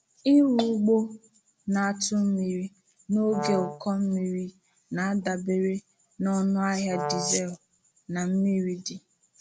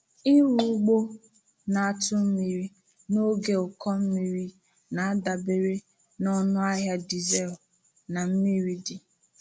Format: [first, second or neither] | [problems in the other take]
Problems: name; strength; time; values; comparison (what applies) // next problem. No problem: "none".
second | background sound (Brass instrument); 8 dB below the speech